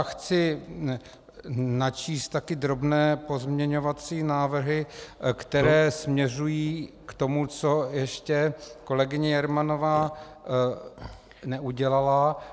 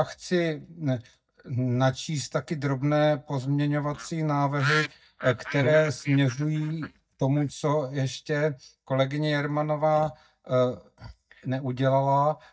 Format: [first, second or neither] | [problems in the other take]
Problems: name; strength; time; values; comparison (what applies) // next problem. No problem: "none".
first | noise reduction (neural mask model DeepFilterNet 3)